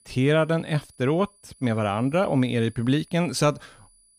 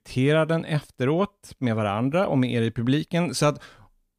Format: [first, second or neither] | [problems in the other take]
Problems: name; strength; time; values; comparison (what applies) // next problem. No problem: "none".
second | high-pitched whine; faint; throughout; 10 kHz, 30 dB below the speech